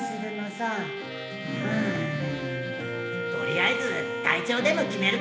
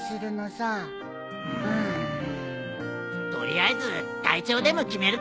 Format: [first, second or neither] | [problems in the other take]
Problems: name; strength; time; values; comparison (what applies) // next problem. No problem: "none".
second | background sound (Trumpet); 14 dB below the speech // room echo; dies away in 1 s